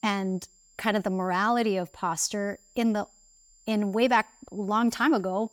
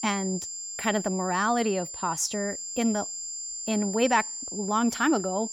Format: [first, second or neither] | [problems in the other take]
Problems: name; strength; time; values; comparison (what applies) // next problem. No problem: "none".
first | high-pitched whine; loud; throughout; 7.5 kHz, 6 dB below the speech; faint in the first